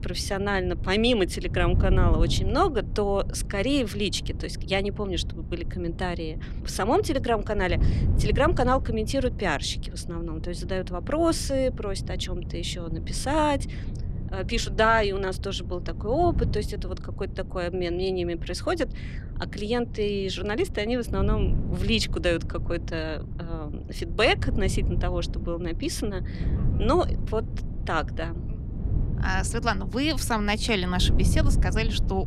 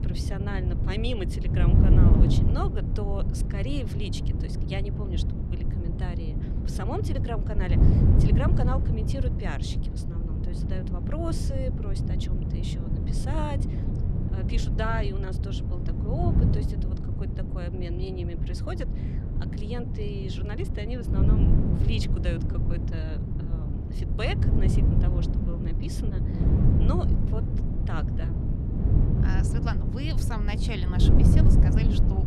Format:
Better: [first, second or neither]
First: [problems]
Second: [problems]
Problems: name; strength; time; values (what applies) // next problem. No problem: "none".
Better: first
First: wind noise on the microphone; occasional gusts; 15 dB below the speech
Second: wind noise on the microphone; heavy; as loud as the speech